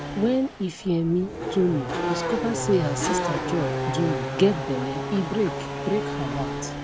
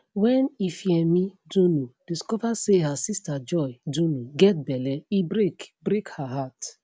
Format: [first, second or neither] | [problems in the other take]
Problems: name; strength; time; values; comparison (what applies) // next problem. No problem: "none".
second | background sound (Race car, auto racing / Accelerating, revving, vroom); 3 dB below the speech